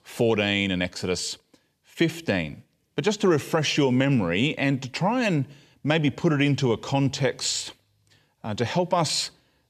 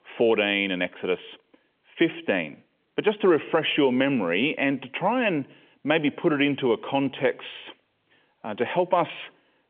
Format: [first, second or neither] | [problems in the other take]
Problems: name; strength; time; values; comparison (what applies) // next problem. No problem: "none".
first | phone-call audio; nothing above 3.5 kHz